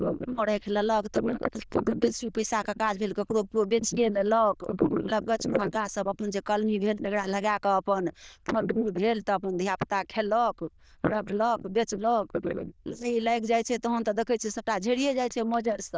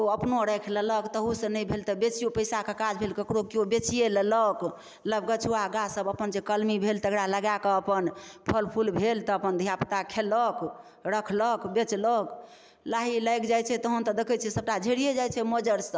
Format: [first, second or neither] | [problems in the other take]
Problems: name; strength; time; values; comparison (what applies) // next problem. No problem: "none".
second | noise reduction (neural diffusion model UNIVERSE++)